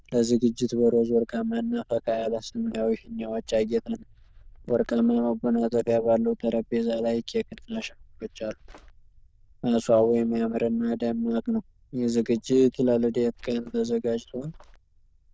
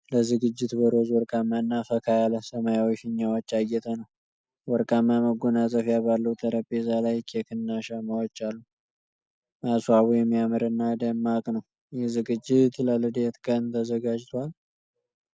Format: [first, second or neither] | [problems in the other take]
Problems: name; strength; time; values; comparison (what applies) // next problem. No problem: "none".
second | noise reduction (neural diffusion model UNIVERSE++)